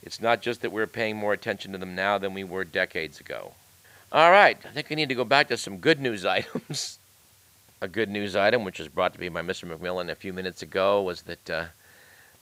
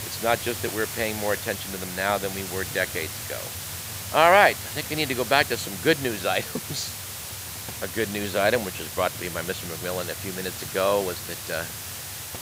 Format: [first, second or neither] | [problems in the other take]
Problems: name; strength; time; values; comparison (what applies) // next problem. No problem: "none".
first | hiss; loud; throughout; 7 dB below the speech; faint in the first